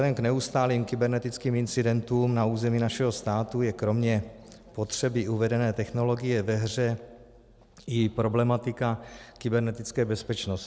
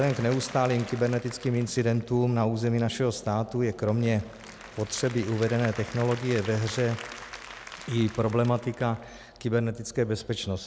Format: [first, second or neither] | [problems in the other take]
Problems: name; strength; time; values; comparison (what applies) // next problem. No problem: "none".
first | background sound (Applause / Crowd); 18 dB below the speech